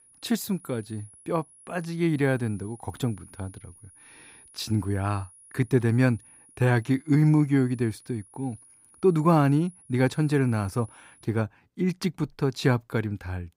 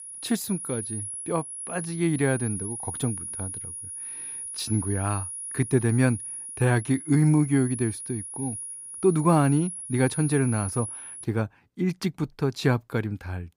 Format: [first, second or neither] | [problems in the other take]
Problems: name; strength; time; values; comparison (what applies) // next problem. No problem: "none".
first | high-pitched whine; loud; until 11 s; 10.5 kHz, 8 dB below the speech; faint in the first